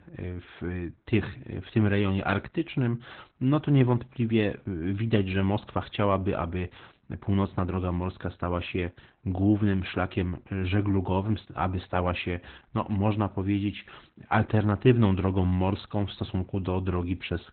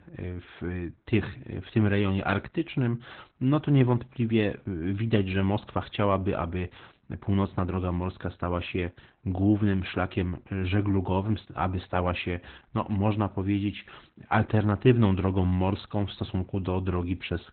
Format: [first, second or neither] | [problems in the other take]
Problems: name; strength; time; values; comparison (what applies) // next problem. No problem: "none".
neither | garbled, watery; badly; nothing above 4 kHz; the same in both